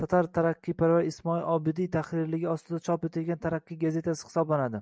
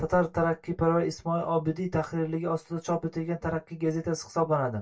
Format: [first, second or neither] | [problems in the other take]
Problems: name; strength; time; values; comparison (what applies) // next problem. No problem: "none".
first | room echo; dies away in 0.2 s